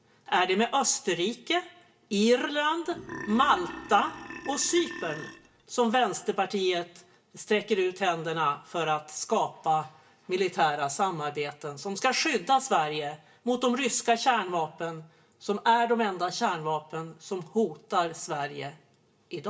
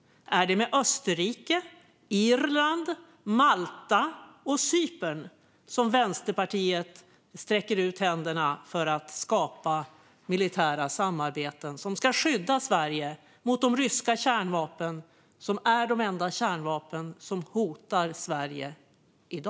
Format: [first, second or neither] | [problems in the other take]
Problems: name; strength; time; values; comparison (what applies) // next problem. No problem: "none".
second | background sound (Burping, eructation); 13 dB below the speech // room echo; dies away in 0.2 s